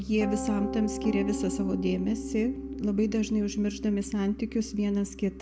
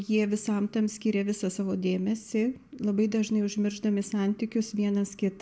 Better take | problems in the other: second | background sound (Piano); 7 dB below the speech

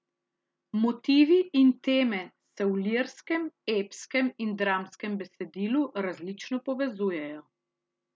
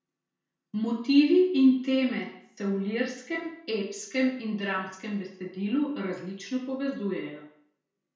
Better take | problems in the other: first | room echo; dies away in 0.5 s

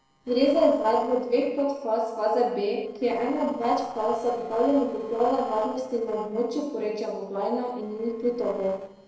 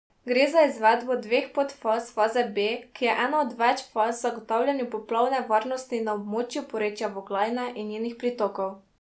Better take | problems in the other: second | noise reduction (neural separator model SepFormer DNS4)

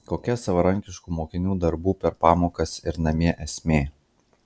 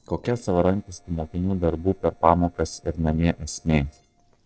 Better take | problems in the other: first | noise reduction (neural separator model SepFormer DNS4)

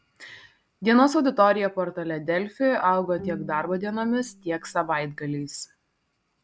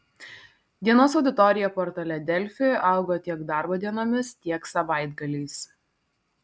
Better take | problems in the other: second | background sound (Bowed string instrument); 16 dB below the speech

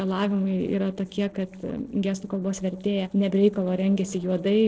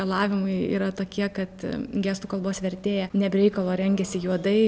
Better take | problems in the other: second | noise reduction (neural separator model SepFormer DNS4)

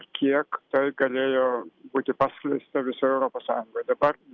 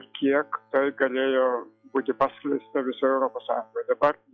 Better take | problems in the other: first | noise reduction (classical method log-MMSE)

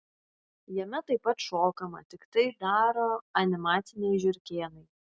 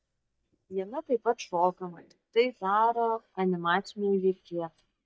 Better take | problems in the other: first | noise reduction (neural mask model DeepFilterNet 3)

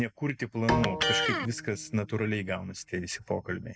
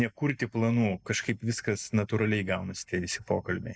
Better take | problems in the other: second | background sound (Electric guitar + Bowed string instrument); 1 dB below the speech

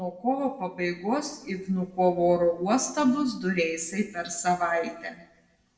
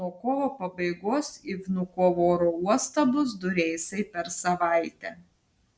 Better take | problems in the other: second | room echo; dies away in 0.8 s

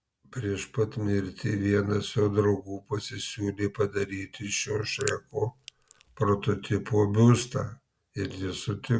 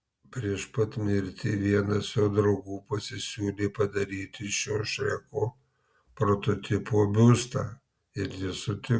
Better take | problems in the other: second | background sound (Crack); 17 dB below the speech

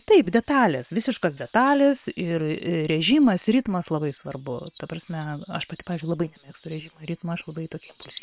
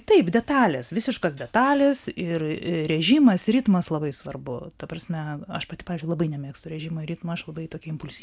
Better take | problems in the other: second | noise reduction (neural separator model SepFormer WHAM!)

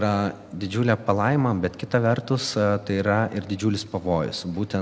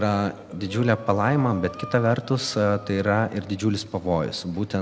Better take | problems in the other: first | background sound (Breathing); 18 dB below the speech

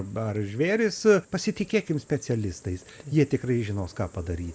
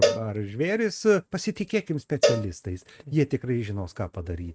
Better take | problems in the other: first | noise reduction (neural mask model RNNoise)

